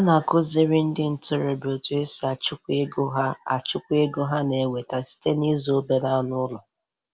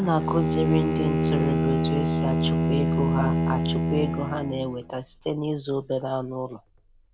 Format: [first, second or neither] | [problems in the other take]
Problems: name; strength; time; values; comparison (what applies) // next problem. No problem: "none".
first | background sound (Bowed string instrument); 3 dB above the speech